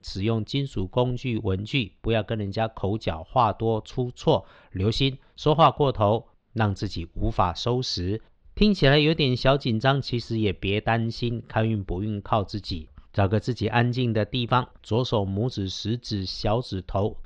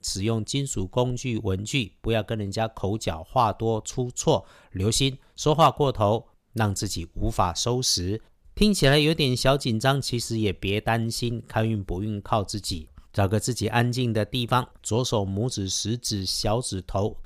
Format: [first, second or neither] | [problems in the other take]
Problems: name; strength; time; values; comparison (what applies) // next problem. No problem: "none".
second | muffled; very slightly; fading above 4 kHz